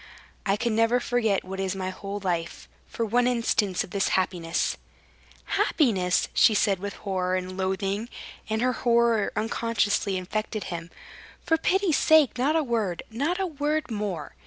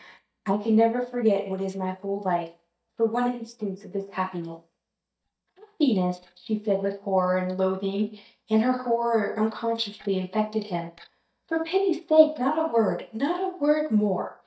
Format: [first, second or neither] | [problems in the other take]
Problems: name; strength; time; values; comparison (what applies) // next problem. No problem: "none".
first | noise reduction (neural mask model DeepFilterNet 3)